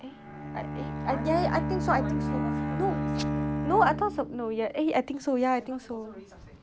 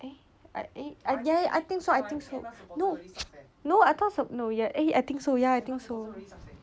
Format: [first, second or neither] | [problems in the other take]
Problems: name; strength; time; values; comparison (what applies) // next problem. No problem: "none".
second | background sound (Bowed string instrument); 3 dB below the speech